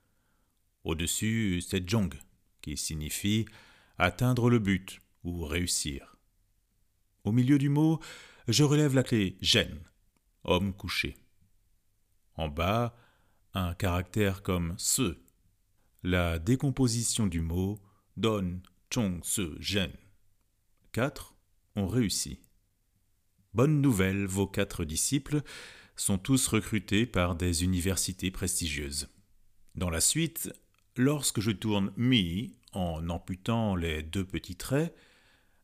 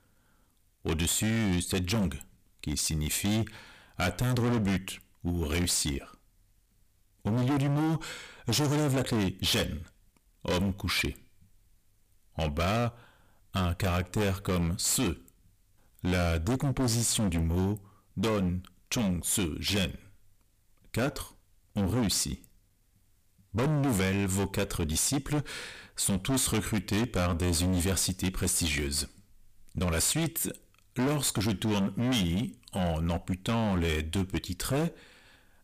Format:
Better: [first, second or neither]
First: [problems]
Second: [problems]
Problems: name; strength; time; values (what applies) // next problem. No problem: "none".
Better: first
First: none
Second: distortion; heavy; 19% of the sound clipped